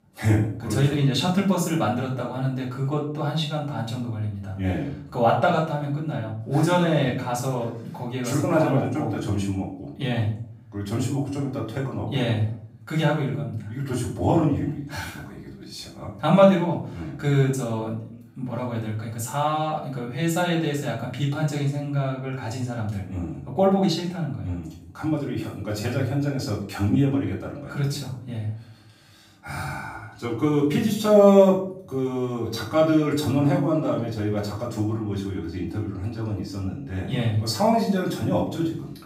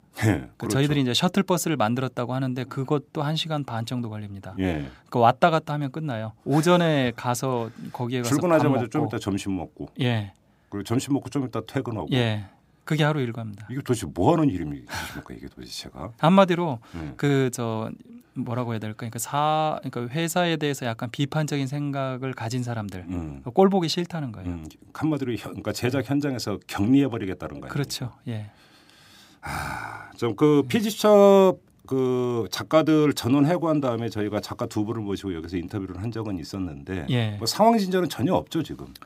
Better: second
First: room echo; noticeable; dies away in 0.5 s // off-mic speech; far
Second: none

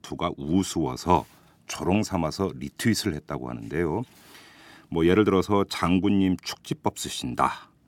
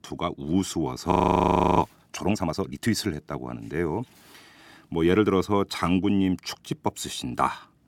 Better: first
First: none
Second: audio freezing; at 1 s for 0.5 s

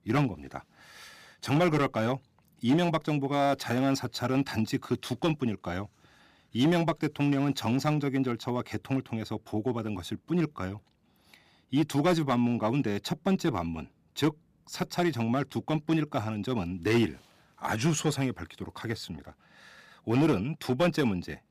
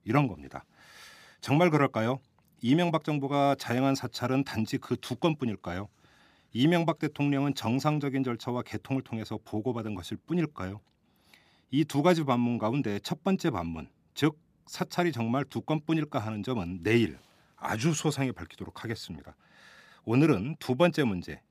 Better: second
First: distortion; slight; 3% of the sound clipped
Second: none

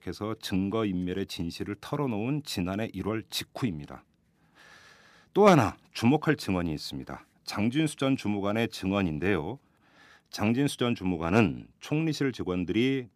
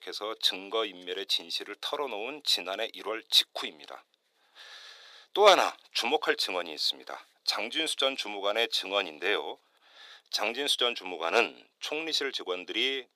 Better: first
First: none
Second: thin; very; fading below 500 Hz

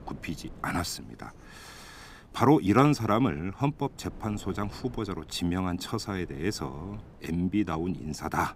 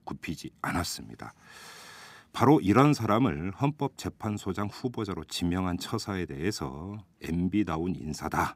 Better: second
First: wind noise on the microphone; occasional gusts; 25 dB below the speech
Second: none

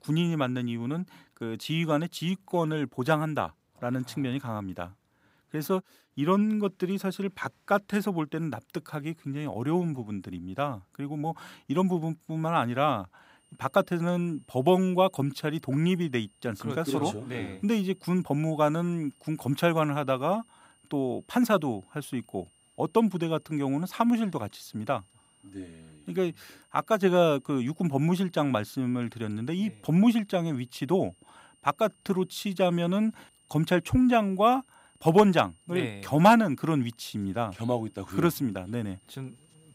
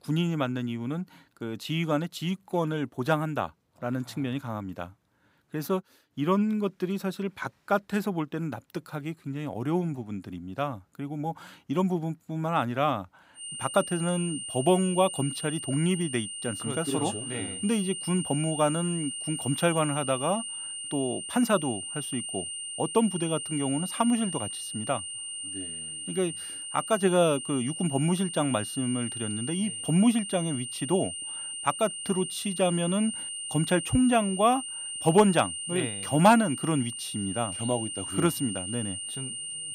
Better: first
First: high-pitched whine; faint; from 13 s on; 9 kHz, 35 dB below the speech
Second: high-pitched whine; loud; from 13 s on; 9 kHz, 5 dB below the speech

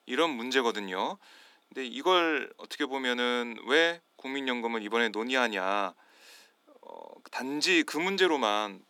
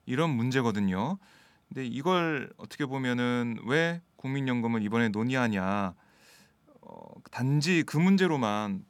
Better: second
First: thin; somewhat; fading below 300 Hz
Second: none

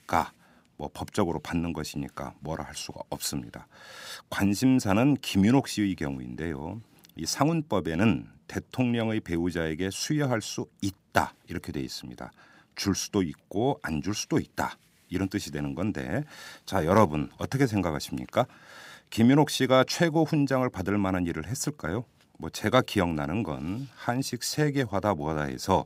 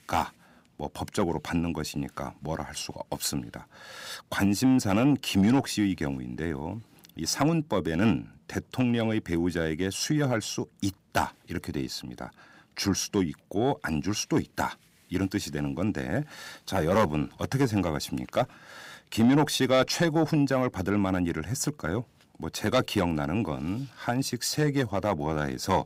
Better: first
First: none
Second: distortion; slight; 10 dB below the speech

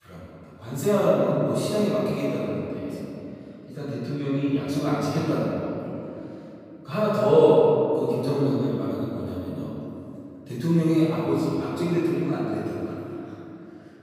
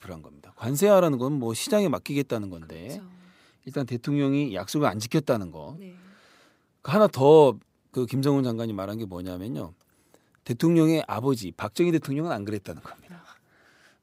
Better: second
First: off-mic speech; far // room echo; strong; dies away in 2.9 s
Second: none

